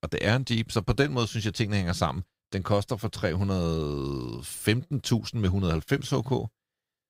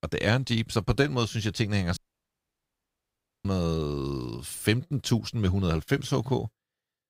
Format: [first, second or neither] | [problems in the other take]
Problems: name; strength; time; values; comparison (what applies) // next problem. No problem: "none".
first | audio cutting out; at 2 s for 1.5 s